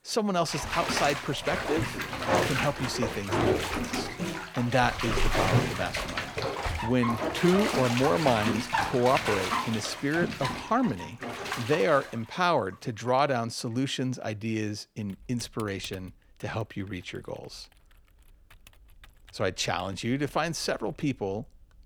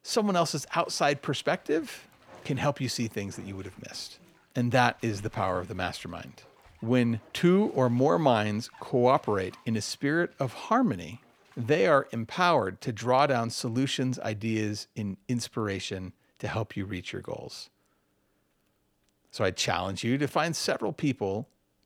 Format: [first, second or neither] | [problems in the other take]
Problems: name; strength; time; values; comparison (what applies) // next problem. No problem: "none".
second | household noises; loud; throughout; 1 dB below the speech; faint in the second